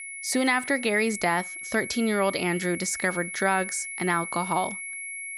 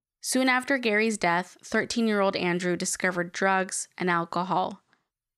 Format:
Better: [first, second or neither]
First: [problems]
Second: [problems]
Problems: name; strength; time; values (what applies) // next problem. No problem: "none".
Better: second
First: high-pitched whine; loud; throughout; 2 kHz, 8 dB below the speech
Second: none